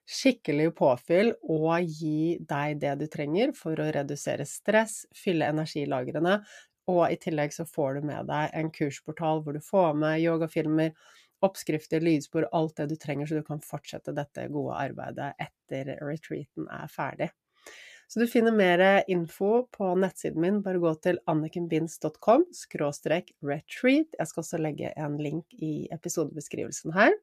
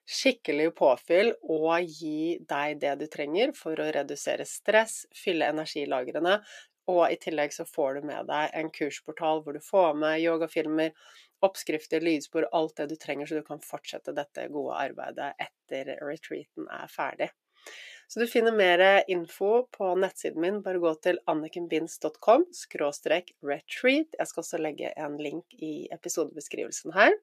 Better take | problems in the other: first | thin; somewhat; fading below 400 Hz

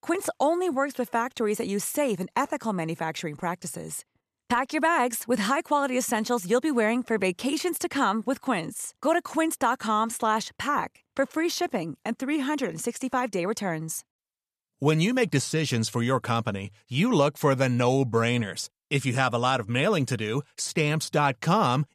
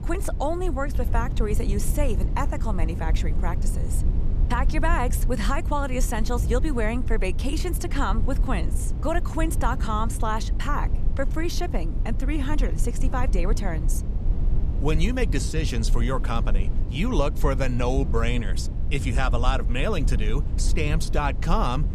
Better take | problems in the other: first | low rumble; noticeable; throughout; 15 dB below the speech

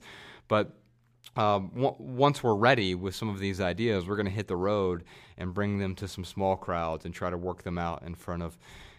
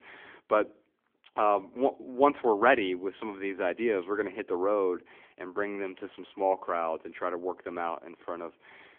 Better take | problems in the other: first | phone-call audio; nothing above 3.5 kHz

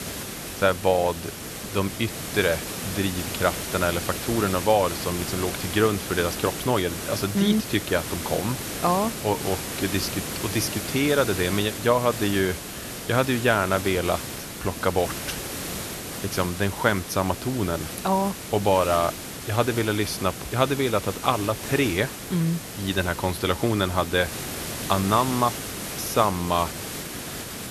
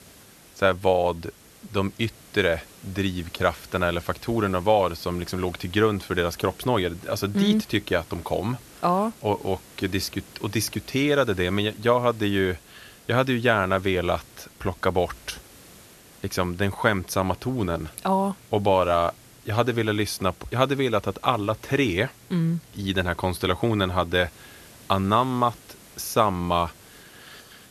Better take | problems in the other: second | hiss; loud; throughout; 7 dB below the speech; faint in the second

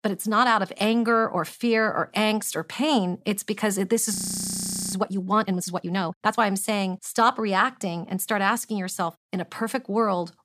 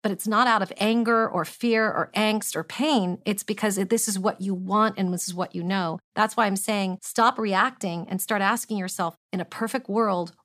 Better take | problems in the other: second | audio freezing; at 4 s for 1 s

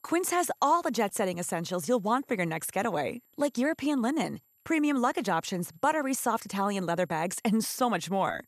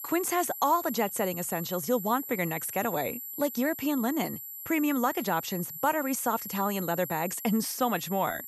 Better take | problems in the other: first | high-pitched whine; loud; throughout; 12 kHz, 8 dB below the speech; faint in the first

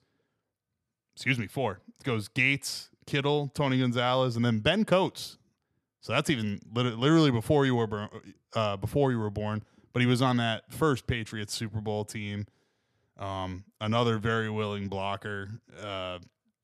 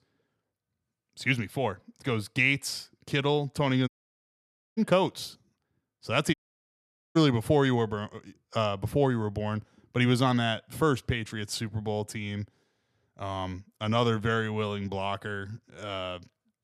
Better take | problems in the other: first | audio cutting out; at 4 s for 1 s and at 6.5 s for 1 s

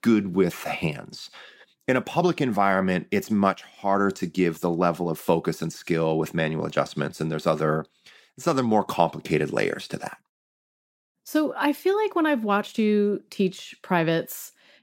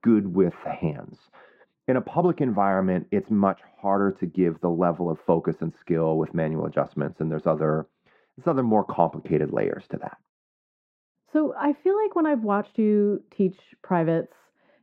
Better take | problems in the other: first | muffled; very; fading above 3 kHz

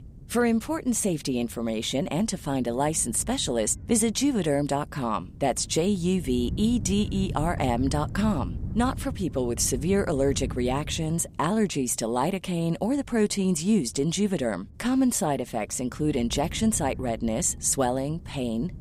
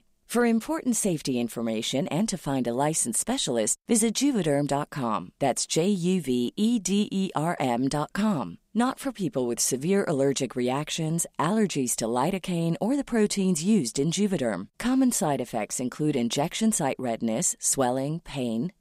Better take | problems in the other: second | wind noise on the microphone; occasional gusts; 20 dB below the speech

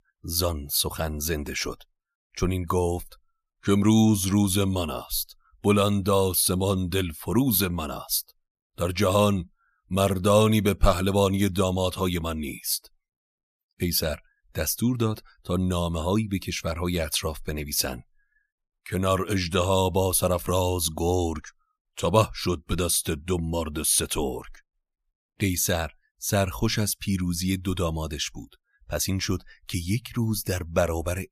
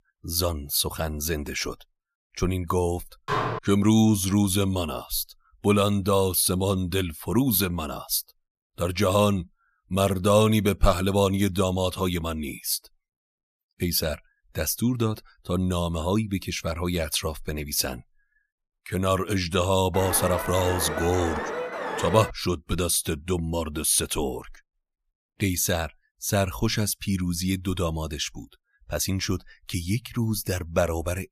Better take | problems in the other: first | clattering dishes; noticeable; at 3.5 s; peak 2 dB below the speech // alarm; noticeable; from 20 to 22 s; peak 5 dB below the speech

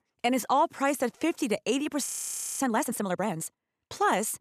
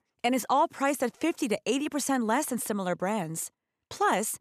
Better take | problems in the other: second | audio freezing; at 2 s for 0.5 s

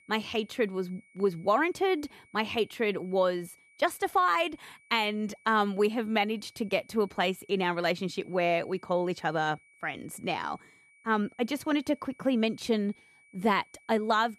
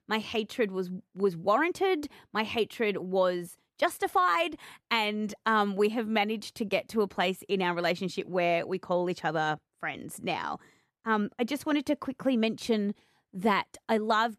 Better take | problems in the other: second | high-pitched whine; faint; throughout; 2.5 kHz, 30 dB below the speech

